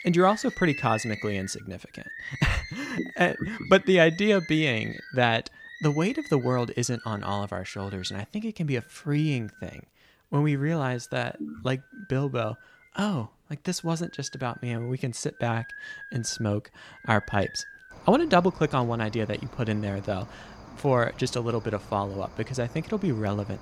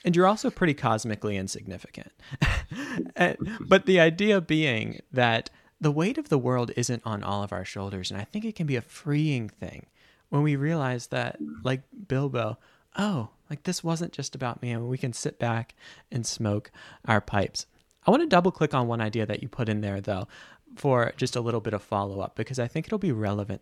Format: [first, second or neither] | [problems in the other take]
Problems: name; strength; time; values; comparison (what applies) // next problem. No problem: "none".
second | animal sounds; noticeable; throughout; 15 dB below the speech